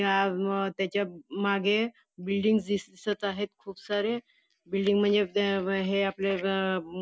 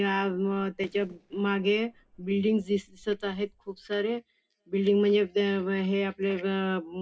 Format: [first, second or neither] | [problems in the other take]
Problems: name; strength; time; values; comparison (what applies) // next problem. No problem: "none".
first | noise reduction (neural separator model SepFormer DNS4)